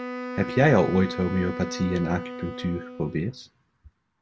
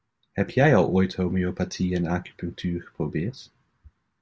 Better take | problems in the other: second | background sound (Wind instrument, woodwind instrument); 10 dB below the speech

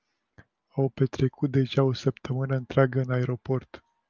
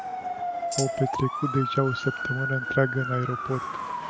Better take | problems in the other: first | background sound (Tambourine + Motor vehicle (road) / Siren); 2 dB below the speech

